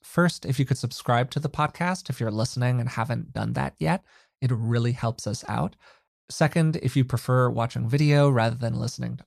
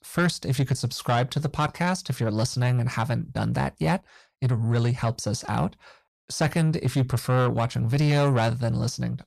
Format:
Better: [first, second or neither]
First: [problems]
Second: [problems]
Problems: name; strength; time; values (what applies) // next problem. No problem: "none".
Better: first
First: none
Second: distortion; slight; 10 dB below the speech